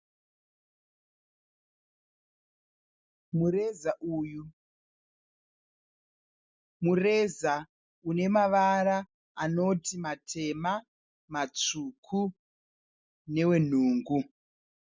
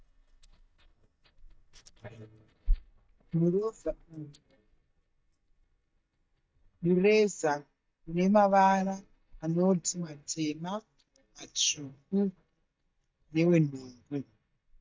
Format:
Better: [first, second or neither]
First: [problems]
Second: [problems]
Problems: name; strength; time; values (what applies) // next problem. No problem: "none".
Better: first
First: none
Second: noise reduction (neural mask model DeepFilterNet 3)